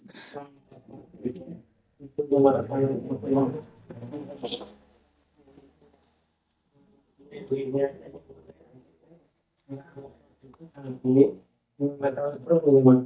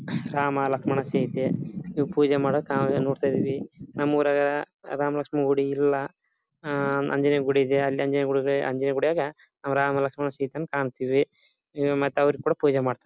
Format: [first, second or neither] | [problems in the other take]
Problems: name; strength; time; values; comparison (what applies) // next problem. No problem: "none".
second | noise reduction (neural mask model DeepFilterNet 3)